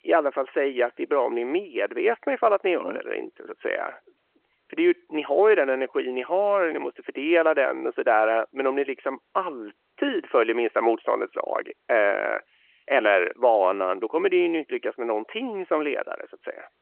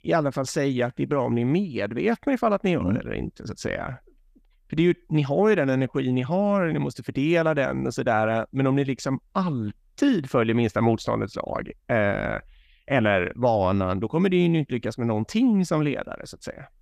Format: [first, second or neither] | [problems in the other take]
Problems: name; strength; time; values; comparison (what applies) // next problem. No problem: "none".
second | phone-call audio